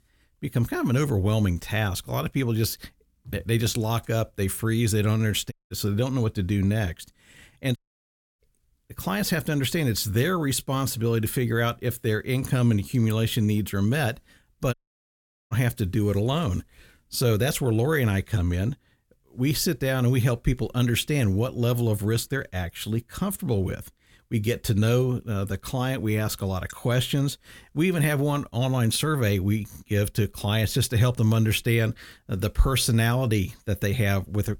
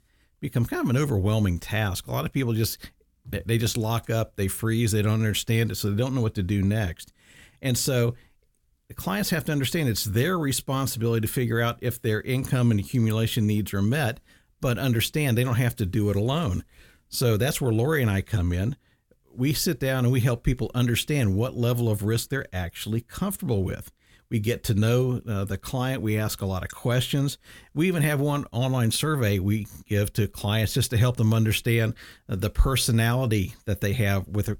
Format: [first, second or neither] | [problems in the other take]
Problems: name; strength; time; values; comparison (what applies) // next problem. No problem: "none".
second | audio cutting out; at 5.5 s, at 8 s for 0.5 s and at 15 s for 1 s